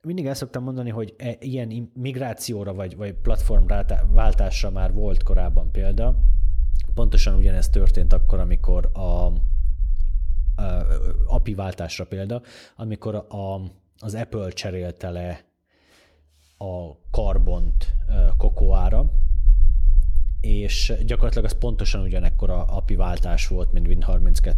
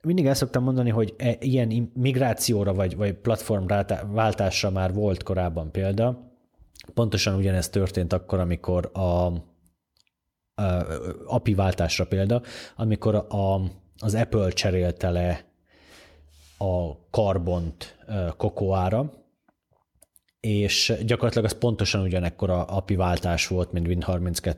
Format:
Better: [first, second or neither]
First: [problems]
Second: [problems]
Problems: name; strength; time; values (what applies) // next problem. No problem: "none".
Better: second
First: low rumble; noticeable; from 3 to 11 s and from 17 s on; 20 dB below the speech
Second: none